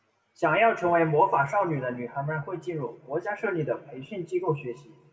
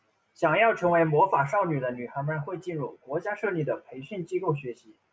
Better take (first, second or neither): second